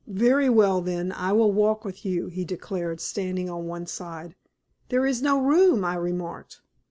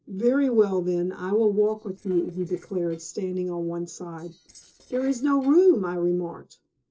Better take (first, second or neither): first